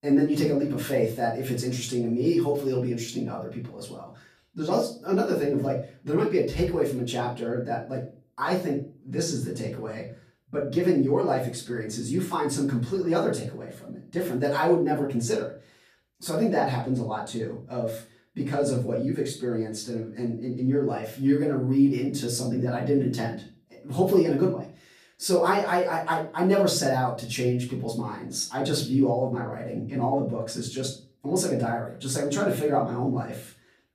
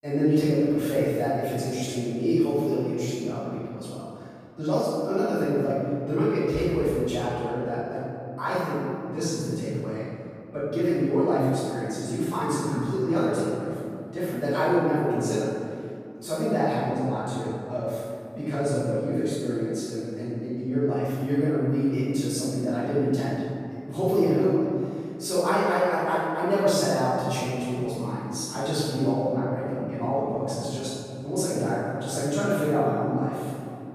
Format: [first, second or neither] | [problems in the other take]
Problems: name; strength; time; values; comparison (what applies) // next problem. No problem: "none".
first | room echo; strong; dies away in 2.2 s; slight in the first // off-mic speech; far; far in the first